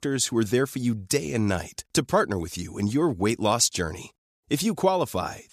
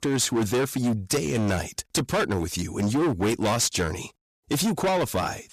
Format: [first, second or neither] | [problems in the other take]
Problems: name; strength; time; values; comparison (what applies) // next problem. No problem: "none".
first | distortion; heavy; 19% of the sound clipped